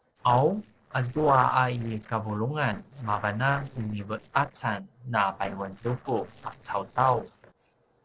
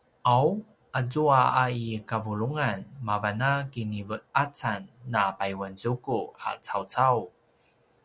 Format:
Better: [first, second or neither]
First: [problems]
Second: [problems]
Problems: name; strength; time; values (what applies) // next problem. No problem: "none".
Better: second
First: noise reduction (neural separator model SepFormer DNS4)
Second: none